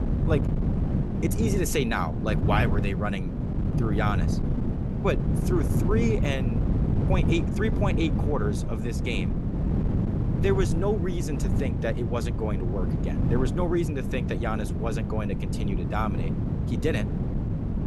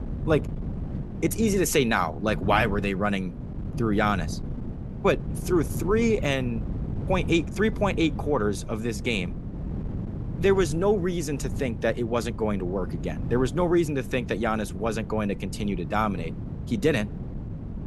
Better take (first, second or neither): second